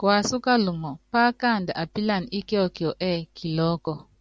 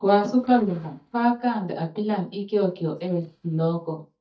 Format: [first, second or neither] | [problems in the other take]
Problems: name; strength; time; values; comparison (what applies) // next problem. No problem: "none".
first | noise reduction (neural mask model DeepFilterNet 3)